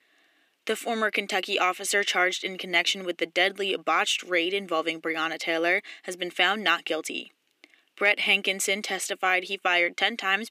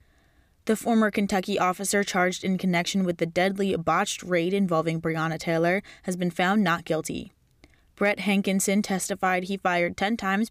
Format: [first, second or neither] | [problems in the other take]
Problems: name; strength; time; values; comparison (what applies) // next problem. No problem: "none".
second | thin; somewhat; fading below 300 Hz